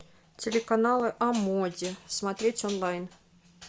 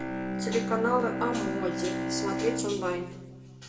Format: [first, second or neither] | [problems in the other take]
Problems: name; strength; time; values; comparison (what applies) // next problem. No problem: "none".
first | background sound (Bowed string instrument); 2 dB below the speech // room echo; dies away in 0.7 s